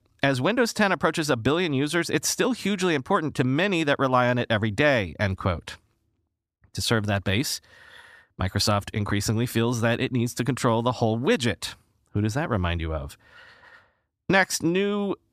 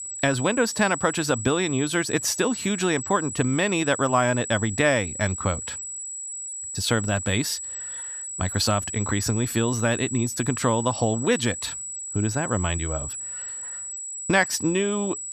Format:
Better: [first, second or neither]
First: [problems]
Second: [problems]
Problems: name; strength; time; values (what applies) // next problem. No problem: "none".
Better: first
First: none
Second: high-pitched whine; loud; throughout; 8 kHz, 7 dB below the speech